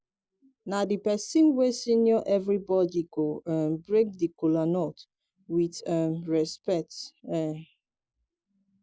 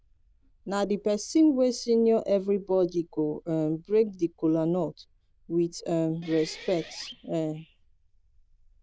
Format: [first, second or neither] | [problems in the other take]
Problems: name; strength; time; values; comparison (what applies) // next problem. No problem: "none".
first | noise reduction (neural diffusion model UNIVERSE++)